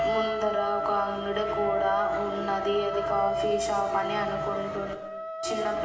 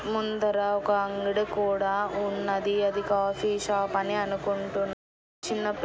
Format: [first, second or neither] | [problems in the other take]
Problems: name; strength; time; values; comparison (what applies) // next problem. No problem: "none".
second | background sound (Wind instrument, woodwind instrument); 1 dB below the speech // room echo; dies away in 1 s